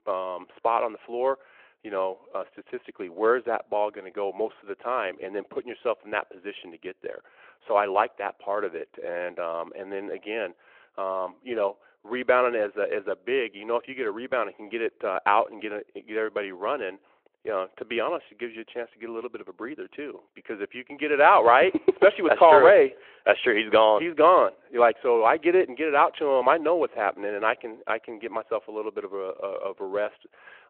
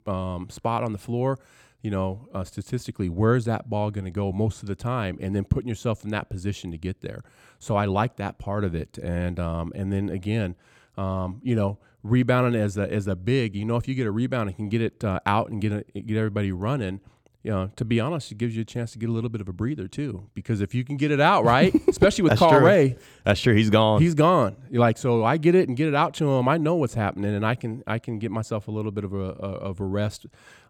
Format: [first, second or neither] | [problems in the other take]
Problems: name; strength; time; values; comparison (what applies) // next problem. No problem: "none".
second | phone-call audio